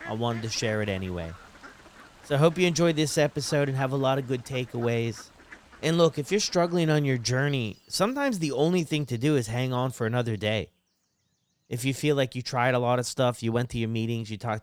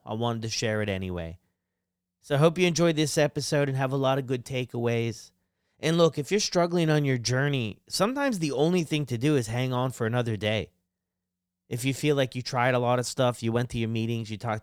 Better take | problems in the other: second | animal sounds; faint; throughout; 25 dB below the speech

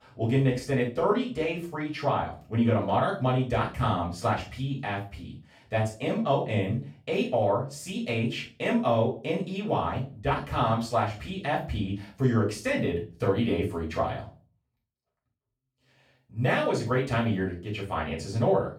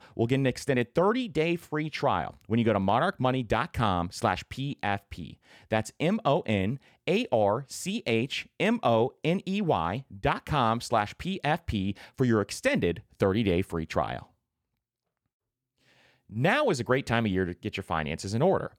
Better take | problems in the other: second | off-mic speech; far // room echo; slight; dies away in 0.3 s

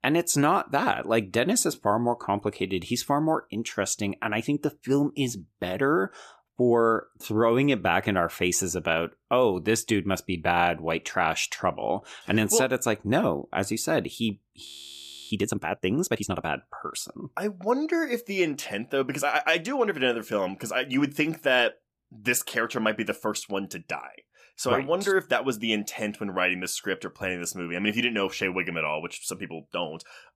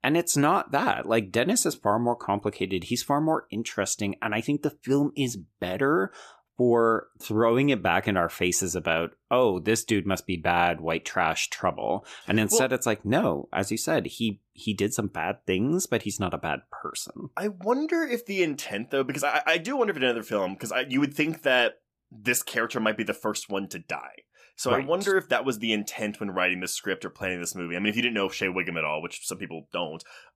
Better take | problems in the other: second | audio freezing; at 15 s for 0.5 s

